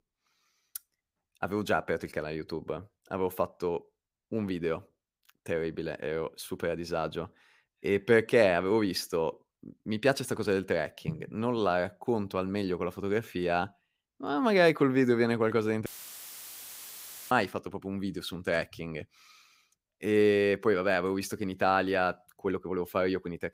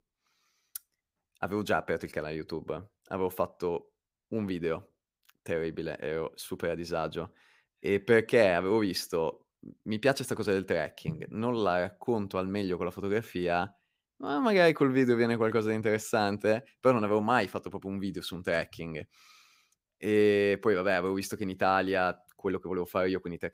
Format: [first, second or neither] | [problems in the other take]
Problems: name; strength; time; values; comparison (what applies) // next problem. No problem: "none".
second | audio cutting out; filled with static; at 16 s for 1.5 s